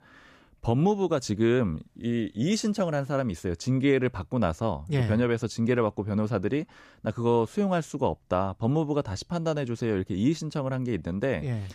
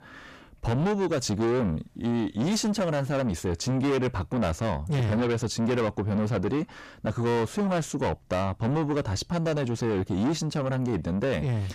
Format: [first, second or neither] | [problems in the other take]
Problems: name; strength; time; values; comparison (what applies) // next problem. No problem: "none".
first | distortion; heavy; 7 dB below the speech